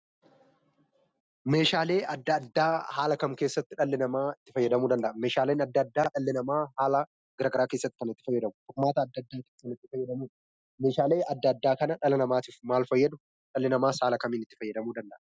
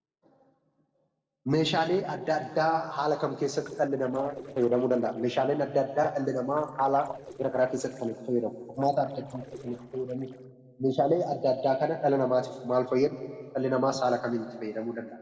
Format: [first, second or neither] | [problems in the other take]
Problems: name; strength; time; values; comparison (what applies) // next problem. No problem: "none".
first | noise reduction (neural separator model SepFormer DNS4)